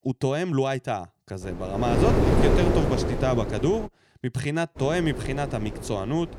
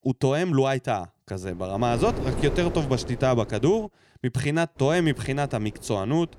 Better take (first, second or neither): second